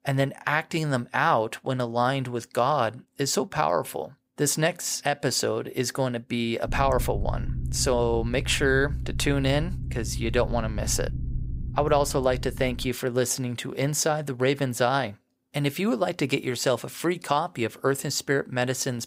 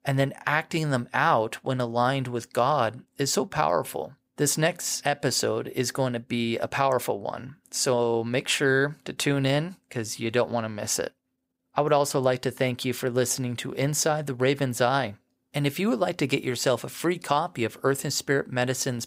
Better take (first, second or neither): second